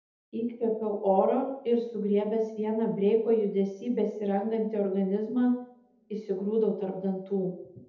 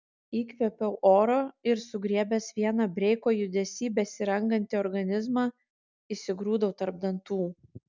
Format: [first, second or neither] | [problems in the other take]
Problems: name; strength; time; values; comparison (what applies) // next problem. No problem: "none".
second | room echo; dies away in 0.7 s